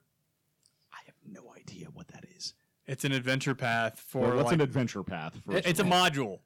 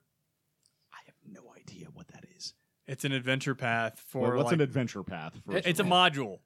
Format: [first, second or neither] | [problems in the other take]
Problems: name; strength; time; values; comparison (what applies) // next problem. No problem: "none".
second | distortion; slight; 3% of the sound clipped